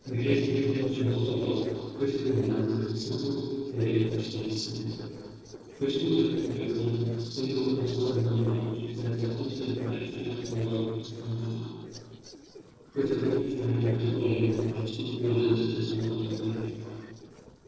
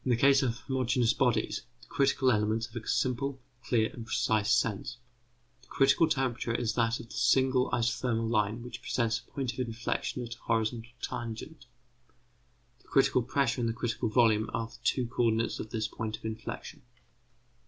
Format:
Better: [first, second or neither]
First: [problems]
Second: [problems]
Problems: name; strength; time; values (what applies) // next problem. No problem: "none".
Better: second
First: noise reduction (neural separator model SepFormer DNS4)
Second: none